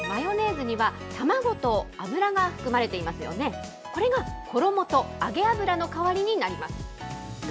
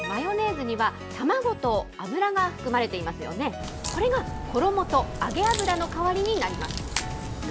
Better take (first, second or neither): first